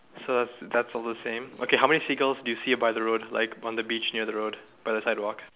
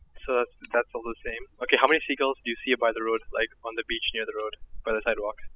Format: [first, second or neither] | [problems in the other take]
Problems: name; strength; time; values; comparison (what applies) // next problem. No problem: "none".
first | noise reduction (classical method spectral subtraction)